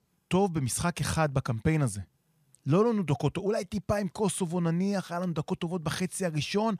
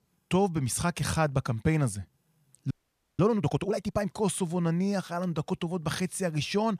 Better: first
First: none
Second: audio freezing; at 2.5 s

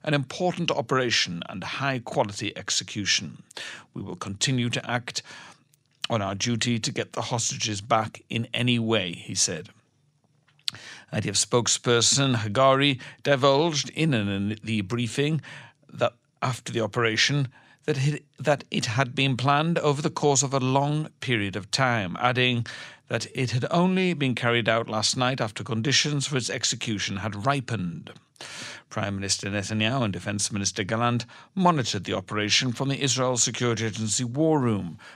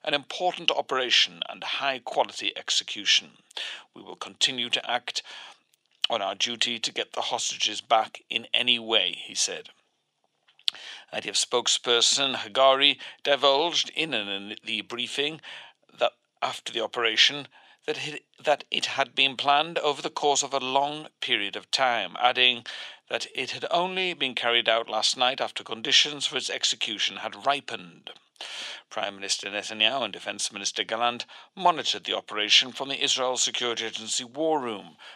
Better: first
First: none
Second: thin; very; fading below 450 Hz

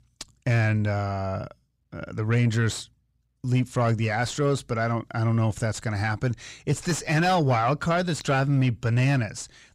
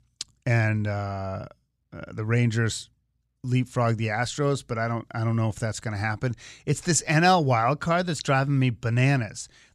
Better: second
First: distortion; slight; 10 dB below the speech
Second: none

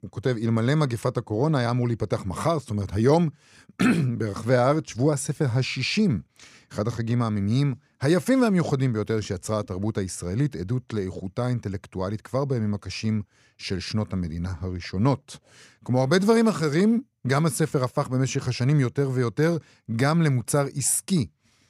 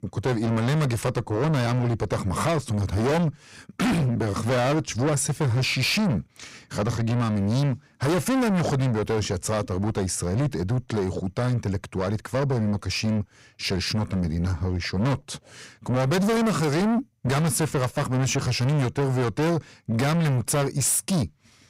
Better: first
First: none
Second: distortion; heavy; 6 dB below the speech

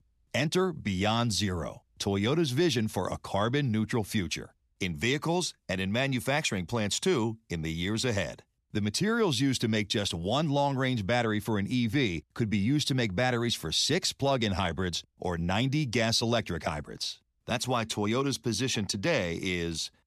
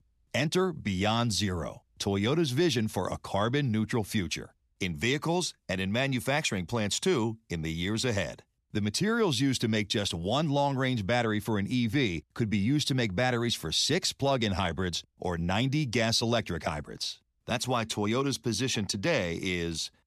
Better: neither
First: none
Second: none

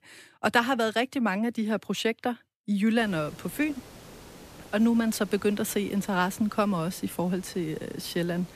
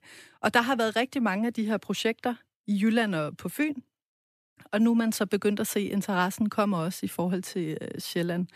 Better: second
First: hiss; faint; from 3 s on; 20 dB below the speech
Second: none

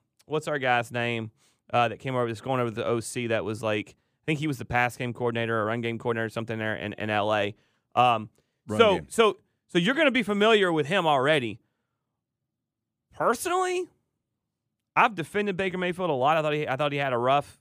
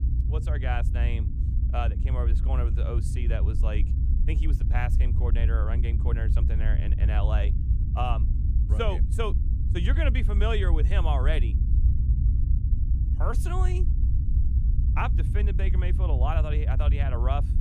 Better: first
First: none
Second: low rumble; loud; throughout; 8 dB below the speech

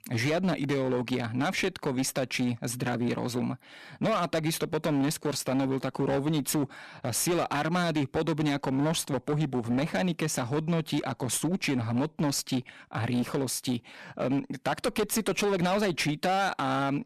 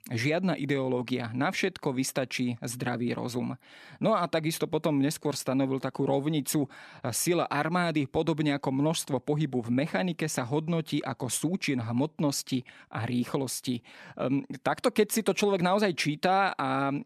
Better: second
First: distortion; slight; 16% of the sound clipped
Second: none

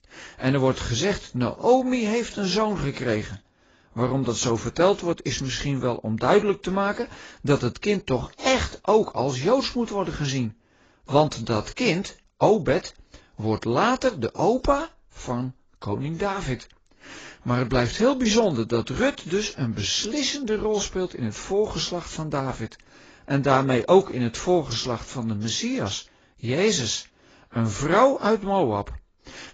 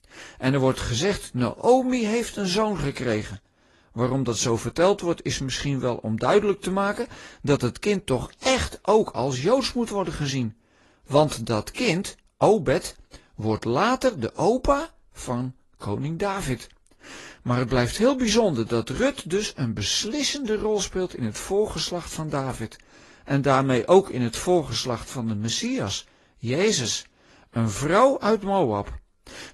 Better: second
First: garbled, watery; badly; nothing above 7.5 kHz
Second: garbled, watery; slightly; nothing above 11.5 kHz

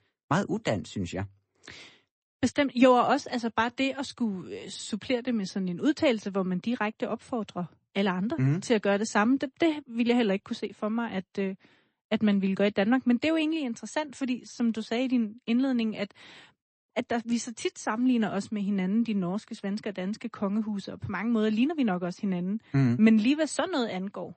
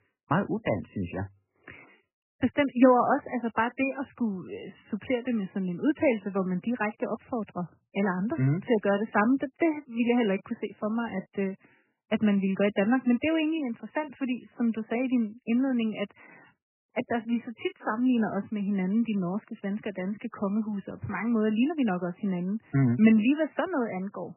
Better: first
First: garbled, watery; slightly; nothing above 8 kHz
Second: garbled, watery; badly; nothing above 3 kHz

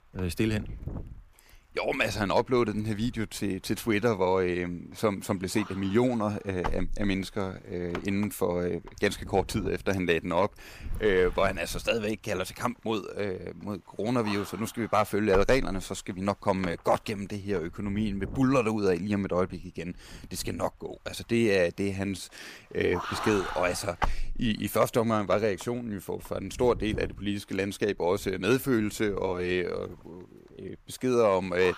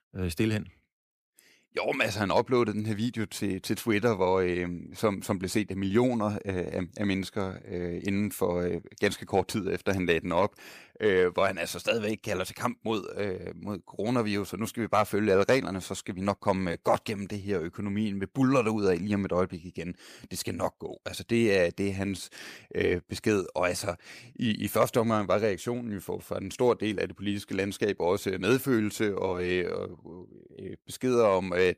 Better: second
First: wind noise on the microphone; occasional gusts; 10 dB below the speech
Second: none

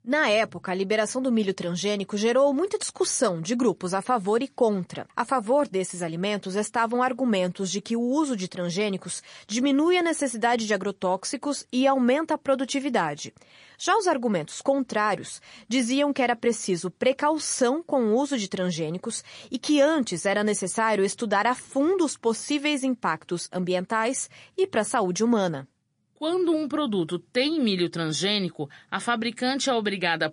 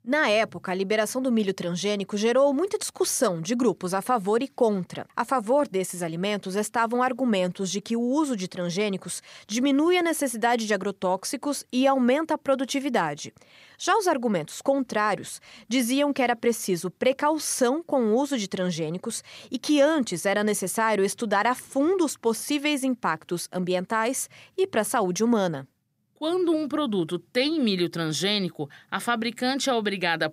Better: second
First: garbled, watery; slightly; nothing above 10.5 kHz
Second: none

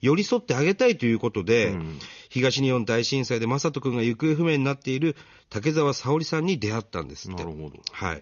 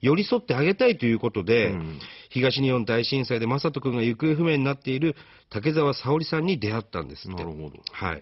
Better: first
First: garbled, watery; slightly; nothing above 6.5 kHz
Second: garbled, watery; badly; nothing above 5.5 kHz

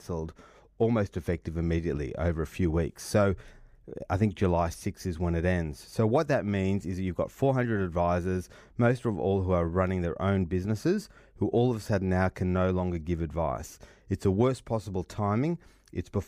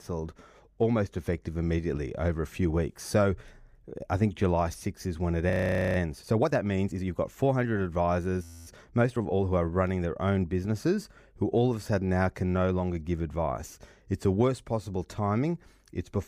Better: first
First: none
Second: audio freezing; at 5.5 s and at 8.5 s

